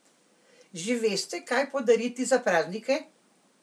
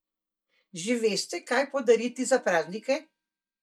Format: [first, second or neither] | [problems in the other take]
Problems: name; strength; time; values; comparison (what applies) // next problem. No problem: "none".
first | noise reduction (neural mask model DeepFilterNet 3)